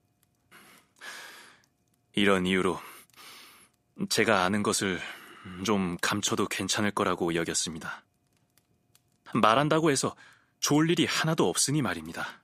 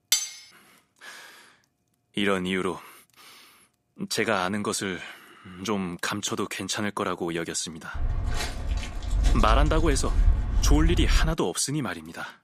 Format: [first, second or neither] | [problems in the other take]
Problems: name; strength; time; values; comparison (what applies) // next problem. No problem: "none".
first | clattering dishes; loud; at the start; peak 3 dB above the speech // footsteps; loud; from 8 to 11 s; peak 2 dB above the speech